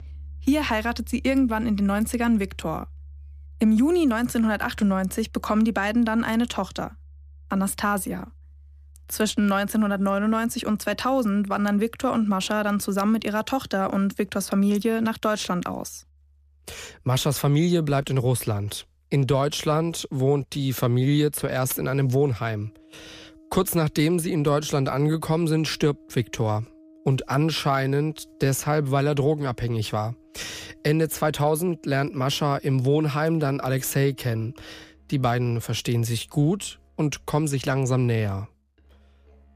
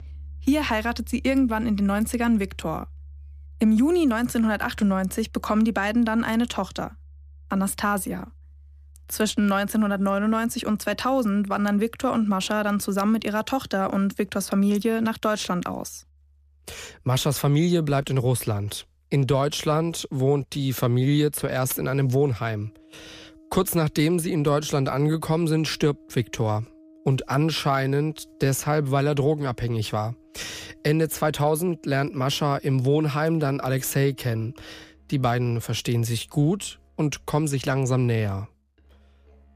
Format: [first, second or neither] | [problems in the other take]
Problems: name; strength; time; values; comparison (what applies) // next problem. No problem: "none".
neither | background music; faint; throughout; 25 dB below the speech; the same in both